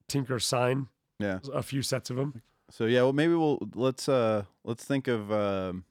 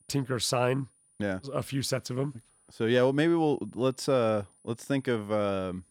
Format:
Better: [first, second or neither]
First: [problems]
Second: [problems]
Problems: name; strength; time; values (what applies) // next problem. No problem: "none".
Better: first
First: none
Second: high-pitched whine; faint; throughout; 9.5 kHz, 30 dB below the speech